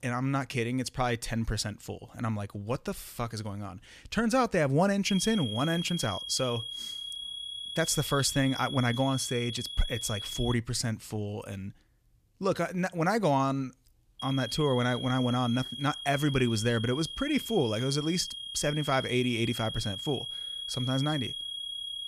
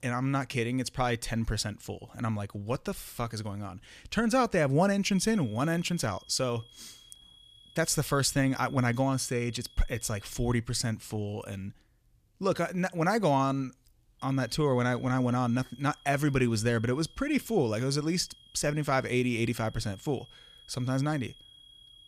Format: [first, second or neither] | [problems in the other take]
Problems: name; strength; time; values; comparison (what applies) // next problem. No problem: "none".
second | high-pitched whine; loud; from 5 to 11 s and from 14 s on; 3.5 kHz, 7 dB below the speech; faint in the second